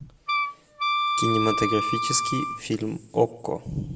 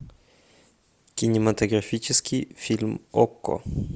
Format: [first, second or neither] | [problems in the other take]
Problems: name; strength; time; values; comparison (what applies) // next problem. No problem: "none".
second | background sound (Wind instrument, woodwind instrument); 1 dB above the speech // room echo; dies away in 2 s